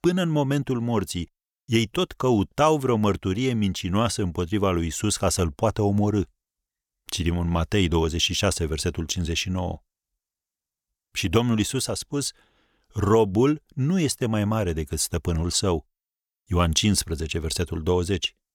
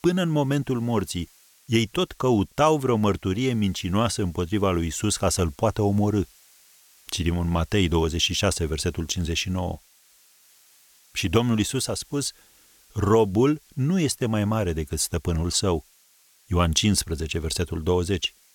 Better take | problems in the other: first | hiss; faint; throughout; 30 dB below the speech

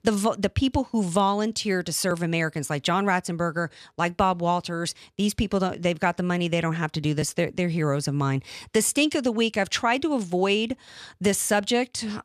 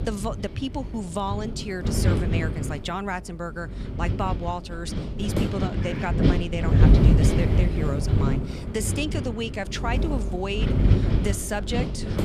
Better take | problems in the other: first | wind noise on the microphone; heavy; 2 dB below the speech

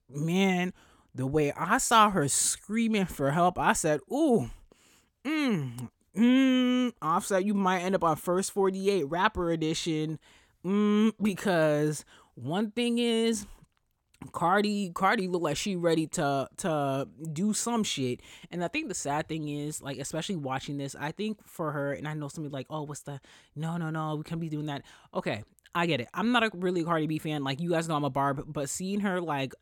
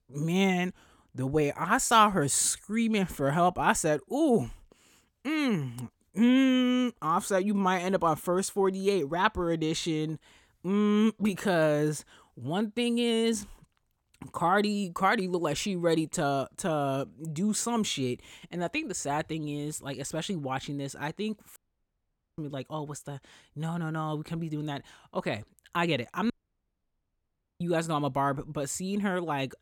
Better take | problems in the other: first | audio cutting out; at 22 s for 1 s and at 26 s for 1.5 s

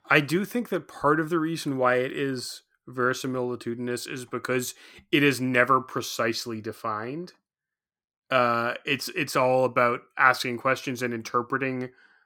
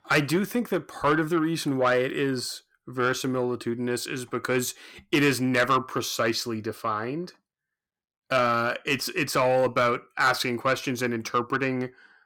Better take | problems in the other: first | distortion; slight; 10 dB below the speech

